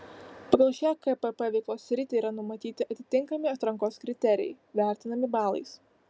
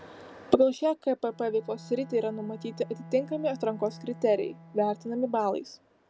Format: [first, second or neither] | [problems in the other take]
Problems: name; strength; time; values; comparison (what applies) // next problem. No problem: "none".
first | background sound (Bowed string instrument); 19 dB below the speech